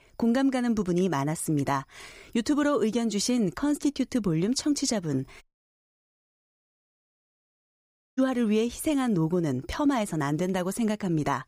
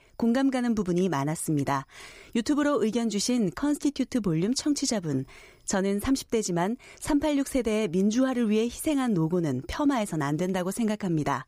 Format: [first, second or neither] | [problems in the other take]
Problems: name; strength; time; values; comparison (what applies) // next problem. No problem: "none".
second | audio cutting out; at 5.5 s for 3 s